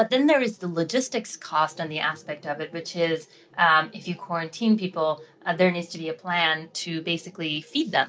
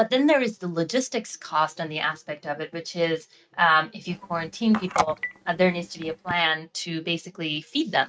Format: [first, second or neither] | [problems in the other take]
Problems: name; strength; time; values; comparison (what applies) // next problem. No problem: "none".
first | noise reduction (neural mask model RNNoise)